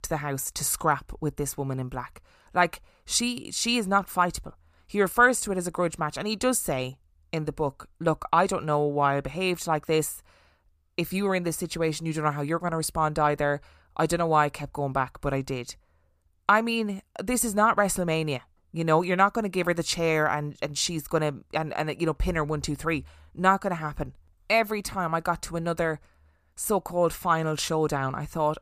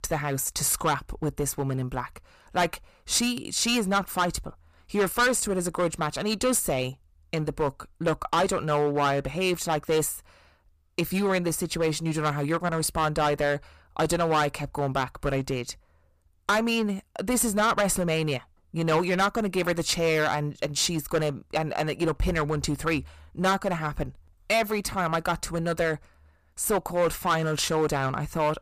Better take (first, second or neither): first